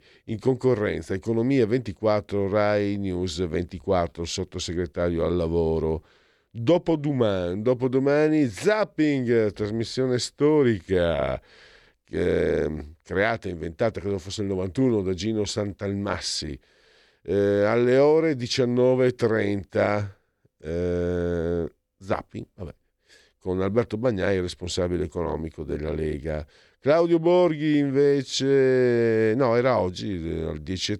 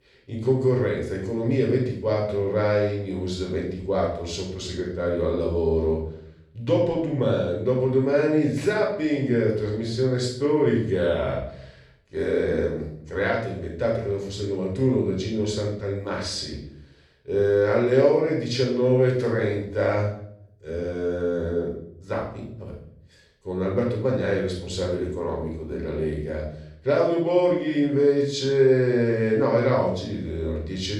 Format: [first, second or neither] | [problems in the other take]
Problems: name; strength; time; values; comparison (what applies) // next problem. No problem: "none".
first | off-mic speech; far // room echo; noticeable; dies away in 0.6 s